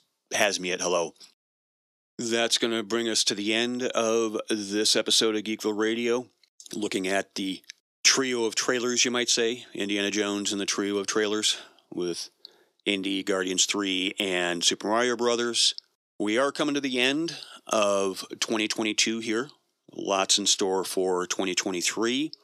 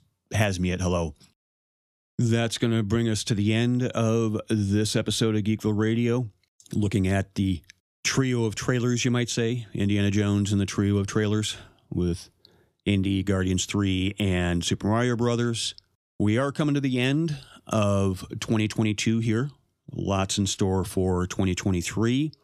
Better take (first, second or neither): second